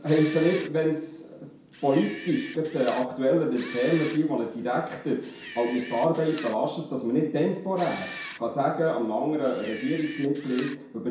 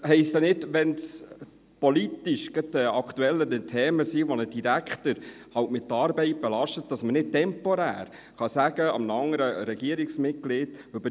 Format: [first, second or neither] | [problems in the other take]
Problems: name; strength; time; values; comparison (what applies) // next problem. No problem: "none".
second | background sound (Camera); 16 dB below the speech // room echo; dies away in 0.6 s